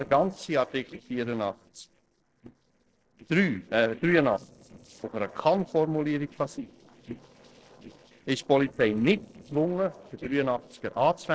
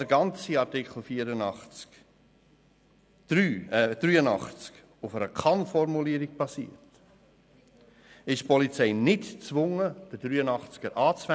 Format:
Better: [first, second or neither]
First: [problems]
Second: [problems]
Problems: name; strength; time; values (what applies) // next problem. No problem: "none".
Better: second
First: noise reduction (neural separator model SepFormer DNS4)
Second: none